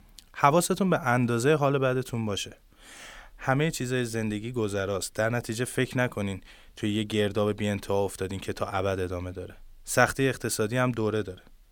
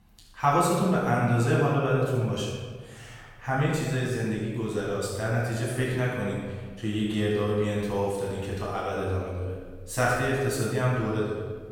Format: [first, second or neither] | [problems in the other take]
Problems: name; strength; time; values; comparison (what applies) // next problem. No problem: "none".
first | off-mic speech; far // room echo; strong; dies away in 1.4 s